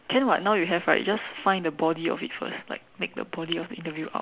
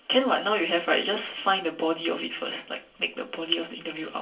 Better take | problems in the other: first | room echo; dies away in 0.2 s

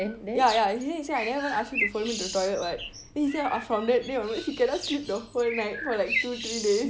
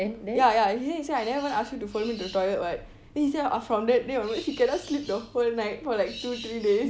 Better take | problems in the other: second | background sound (Bird); 8 dB below the speech

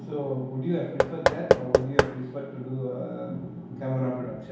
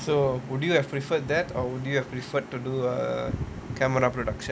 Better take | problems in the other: second | background sound (Knock / Wood); 5 dB above the speech // room echo; dies away in 0.8 s

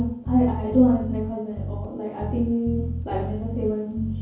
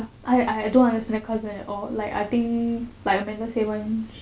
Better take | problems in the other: second | background sound (Bass guitar); 6 dB below the speech // room echo; dies away in 0.7 s

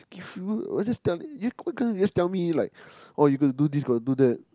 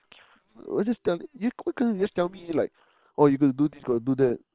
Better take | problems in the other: first | noise reduction (neural separator model SepFormer WHAM!)

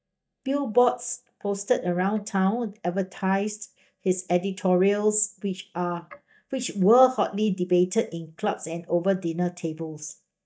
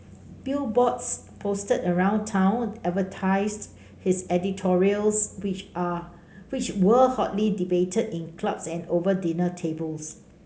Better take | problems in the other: second | noise reduction (neural mask model DeepFilterNet 3)

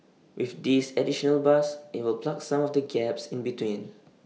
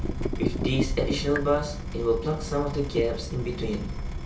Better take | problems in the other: first | background sound (Drip / Water tap, faucet); 2 dB below the speech // room echo; dies away in 0.2 s

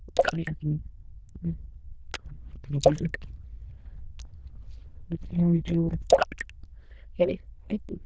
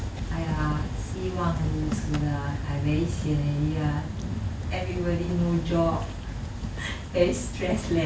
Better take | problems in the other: second | noise reduction (neural diffusion model UNIVERSE++)

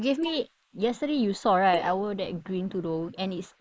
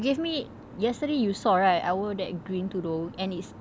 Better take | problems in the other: second | noise reduction (neural mask model Resemble Enhance denoiser)

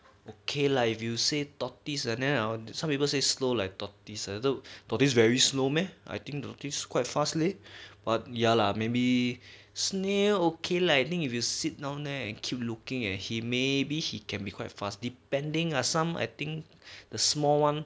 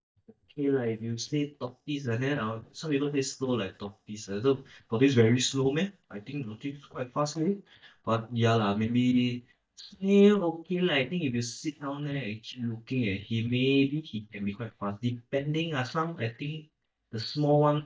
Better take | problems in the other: first | noise reduction (neural mask model DeepFilterNet 3)

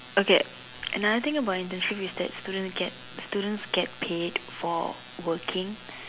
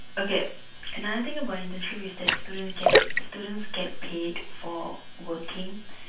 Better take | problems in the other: first | background sound (Splash, splatter); 4 dB above the speech // room echo; dies away in 0.3 s

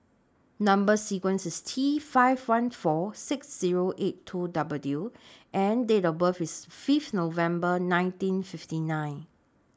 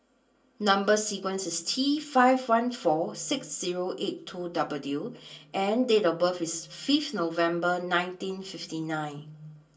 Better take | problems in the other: first | room echo; dies away in 0.2 s

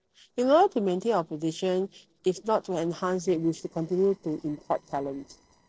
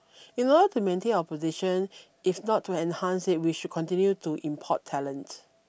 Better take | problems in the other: second | noise reduction (neural separator model SepFormer DNS4)

